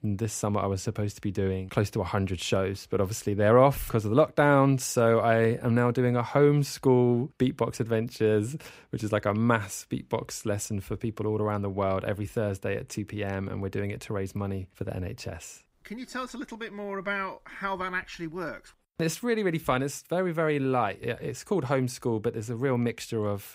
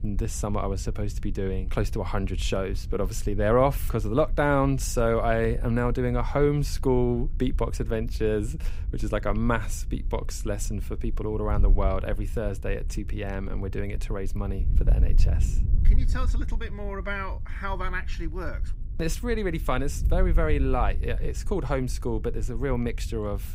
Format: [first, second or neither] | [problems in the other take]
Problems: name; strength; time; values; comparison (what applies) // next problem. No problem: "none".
first | wind noise on the microphone; occasional gusts; 20 dB below the speech